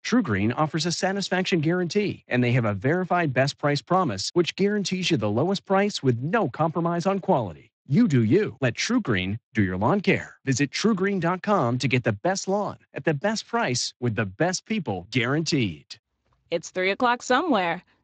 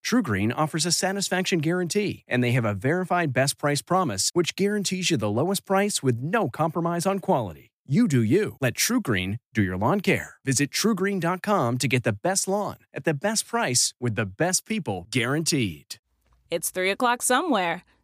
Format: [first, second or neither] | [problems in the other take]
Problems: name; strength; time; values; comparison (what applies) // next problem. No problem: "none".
second | garbled, watery; slightly; nothing above 7.5 kHz